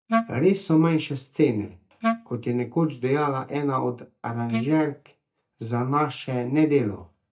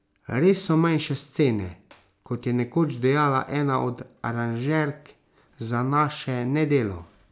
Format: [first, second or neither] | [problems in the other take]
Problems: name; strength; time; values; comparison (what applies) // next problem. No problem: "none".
second | noise reduction (neural mask model DeepFilterNet 3)